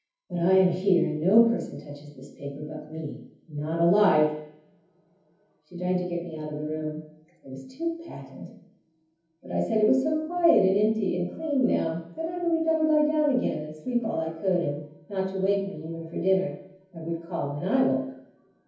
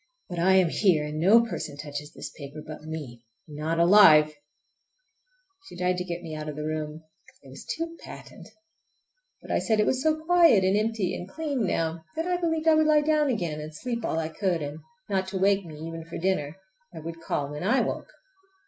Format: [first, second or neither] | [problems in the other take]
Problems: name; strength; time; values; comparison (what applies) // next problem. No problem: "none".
second | room echo; dies away in 0.7 s